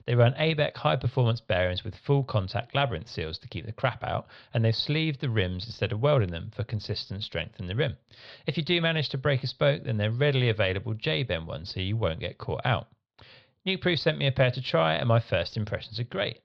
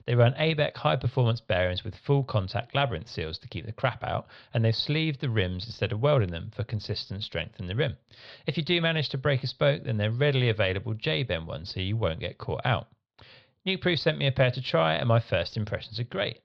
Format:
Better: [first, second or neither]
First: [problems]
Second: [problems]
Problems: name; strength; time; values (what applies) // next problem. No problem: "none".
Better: neither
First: muffled; very slightly; fading above 4 kHz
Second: muffled; very slightly; fading above 4 kHz